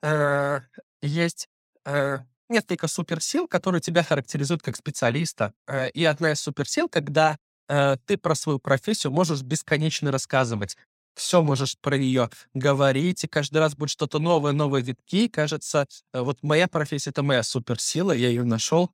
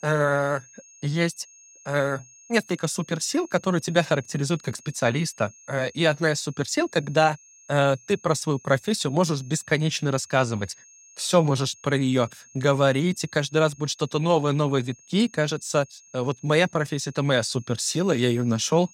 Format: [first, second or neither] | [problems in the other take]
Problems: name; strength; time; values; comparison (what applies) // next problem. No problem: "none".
first | high-pitched whine; faint; throughout; 6.5 kHz, 25 dB below the speech